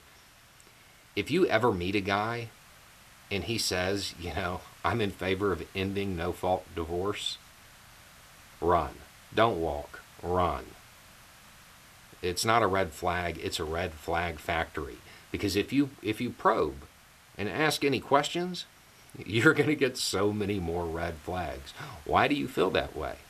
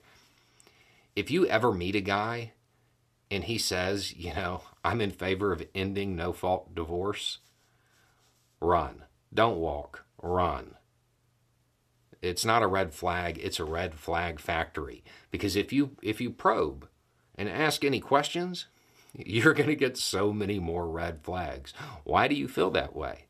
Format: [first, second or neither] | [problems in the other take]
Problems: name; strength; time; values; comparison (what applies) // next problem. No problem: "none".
second | hiss; faint; throughout; 25 dB below the speech